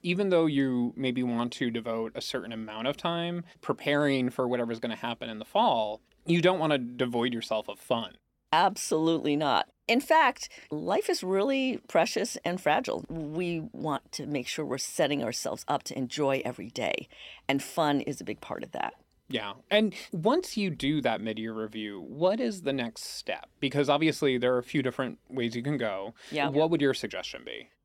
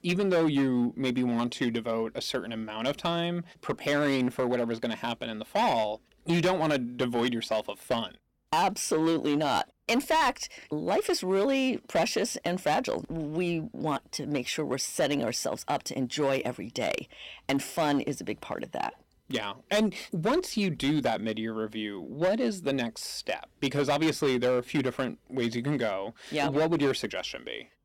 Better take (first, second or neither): first